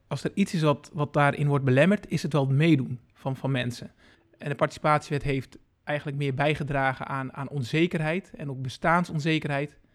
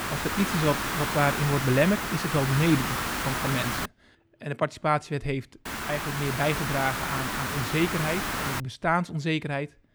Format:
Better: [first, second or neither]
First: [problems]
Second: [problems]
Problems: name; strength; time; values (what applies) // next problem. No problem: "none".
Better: first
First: none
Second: hiss; loud; until 4 s and from 5.5 to 8.5 s; 2 dB below the speech